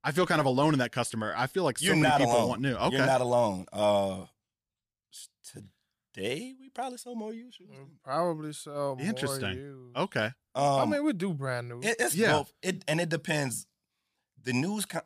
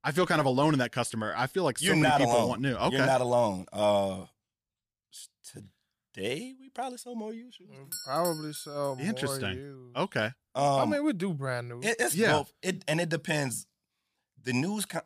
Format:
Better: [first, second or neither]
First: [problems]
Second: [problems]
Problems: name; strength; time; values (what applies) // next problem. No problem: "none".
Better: first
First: none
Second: doorbell; noticeable; at 8 s; peak 8 dB below the speech